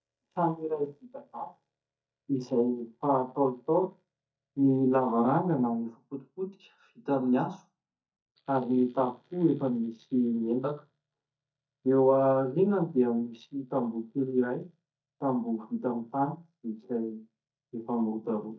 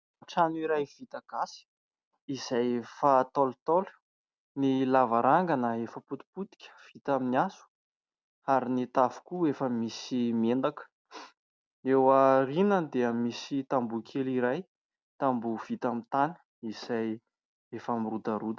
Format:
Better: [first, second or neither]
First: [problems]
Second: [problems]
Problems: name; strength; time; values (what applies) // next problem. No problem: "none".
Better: second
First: noise reduction (neural mask model DeepFilterNet 3)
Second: none